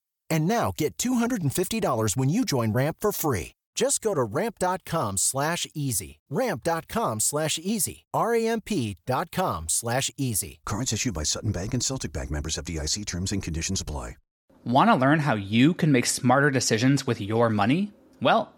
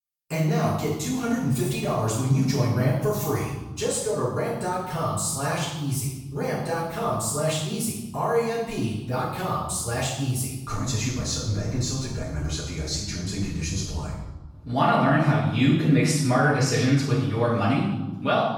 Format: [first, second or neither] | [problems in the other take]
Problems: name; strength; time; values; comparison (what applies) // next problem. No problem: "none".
first | off-mic speech; far // room echo; strong; dies away in 1.1 s